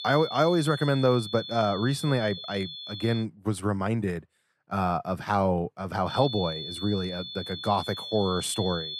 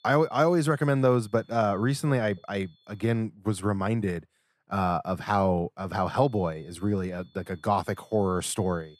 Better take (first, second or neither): second